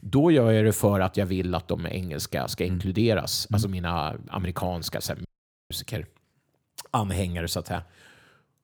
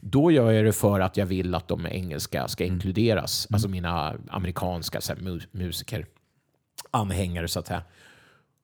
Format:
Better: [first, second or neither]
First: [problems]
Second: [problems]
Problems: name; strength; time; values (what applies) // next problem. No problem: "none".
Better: second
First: audio cutting out; at 5.5 s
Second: none